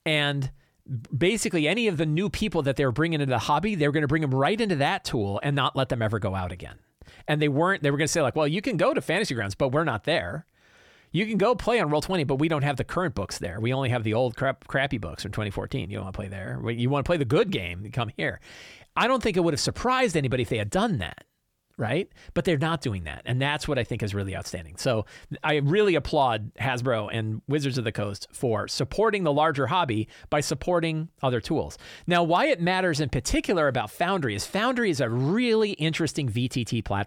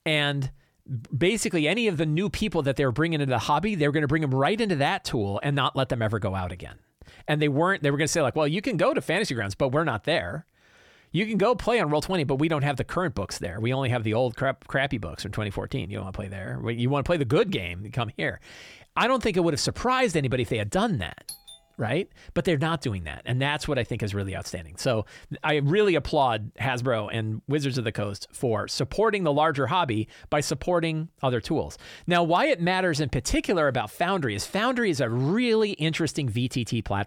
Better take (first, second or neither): first